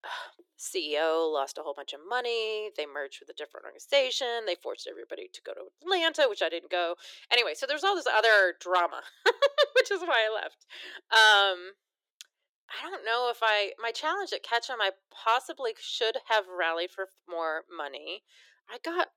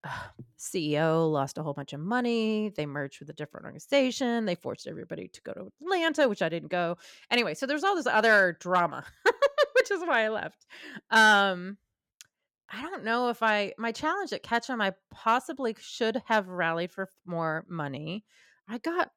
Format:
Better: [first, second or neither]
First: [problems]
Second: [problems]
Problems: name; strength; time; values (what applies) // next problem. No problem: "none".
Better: second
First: thin; very; fading below 350 Hz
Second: none